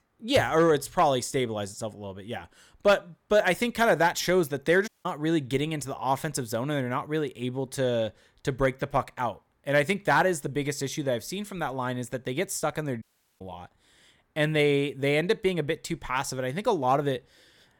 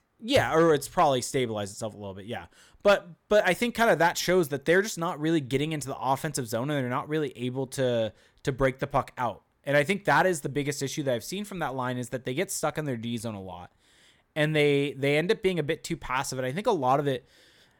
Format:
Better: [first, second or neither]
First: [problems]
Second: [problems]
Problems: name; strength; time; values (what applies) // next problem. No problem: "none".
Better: second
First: audio cutting out; at 5 s and at 13 s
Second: none